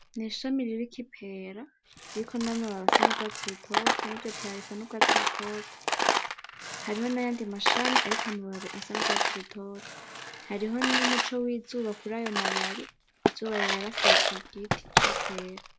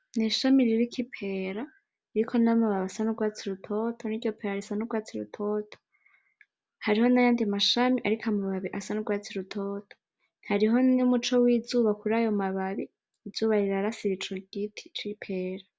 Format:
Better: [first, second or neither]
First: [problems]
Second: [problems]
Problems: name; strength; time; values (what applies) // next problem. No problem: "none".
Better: second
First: background sound (Coin (dropping)); 5 dB above the speech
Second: none